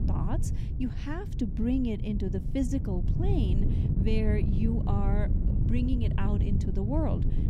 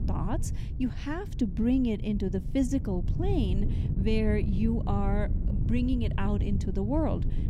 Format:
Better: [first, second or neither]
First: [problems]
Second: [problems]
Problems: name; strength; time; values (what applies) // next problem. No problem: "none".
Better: second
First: wind noise on the microphone; heavy; 6 dB below the speech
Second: wind noise on the microphone; occasional gusts; 10 dB below the speech